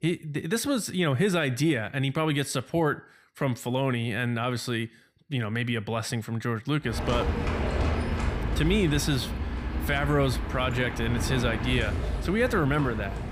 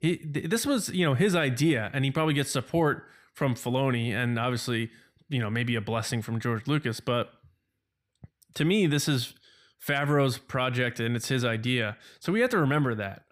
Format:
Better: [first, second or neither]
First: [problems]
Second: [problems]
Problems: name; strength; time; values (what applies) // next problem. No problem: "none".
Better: second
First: animal sounds; loud; from 7 s on; 4 dB below the speech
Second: none